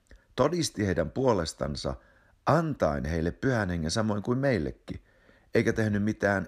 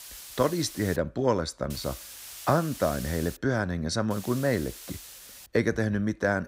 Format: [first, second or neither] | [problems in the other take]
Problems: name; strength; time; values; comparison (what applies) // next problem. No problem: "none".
first | hiss; noticeable; at the start, from 1.5 to 3.5 s and from 4 to 5.5 s; 15 dB below the speech